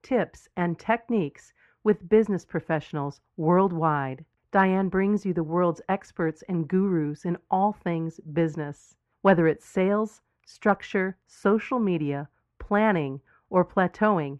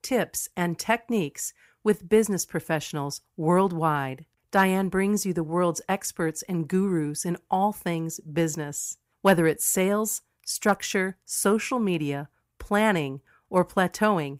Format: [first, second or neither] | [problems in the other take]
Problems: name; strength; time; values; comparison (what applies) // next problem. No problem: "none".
second | muffled; very; fading above 2 kHz